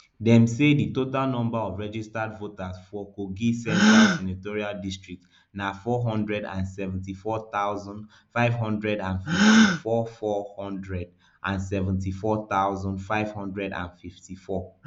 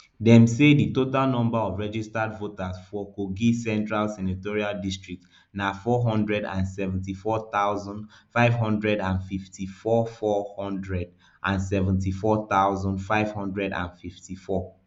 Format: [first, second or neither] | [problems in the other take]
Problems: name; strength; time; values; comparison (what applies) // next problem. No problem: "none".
second | background sound (Gasp); 2 dB below the speech